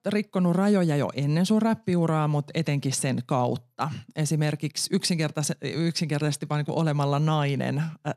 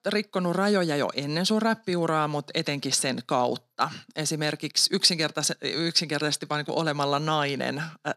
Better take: first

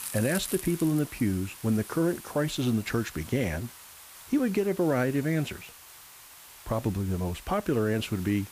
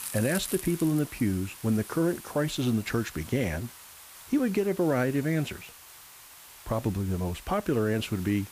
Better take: neither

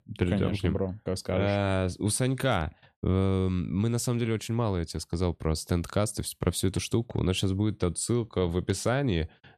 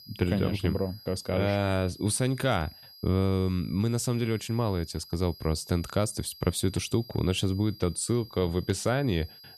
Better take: first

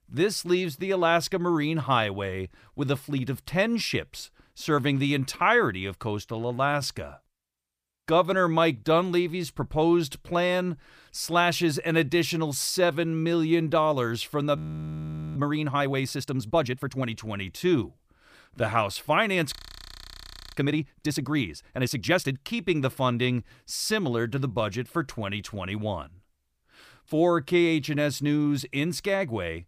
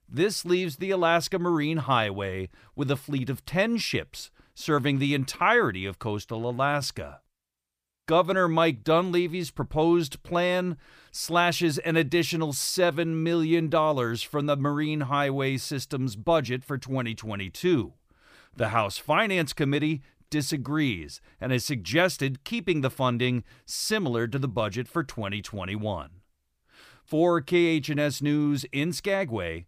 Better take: second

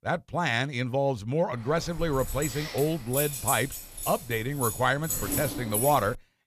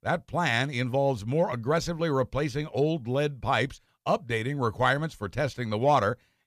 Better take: second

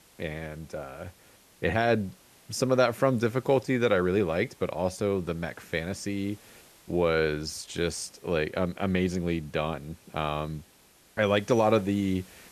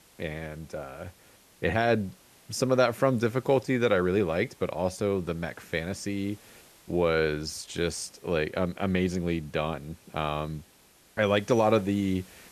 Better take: neither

